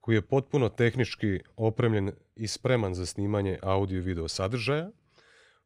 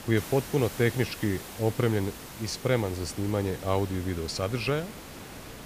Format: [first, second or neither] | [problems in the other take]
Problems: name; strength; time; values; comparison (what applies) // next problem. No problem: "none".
first | hiss; noticeable; throughout; 10 dB below the speech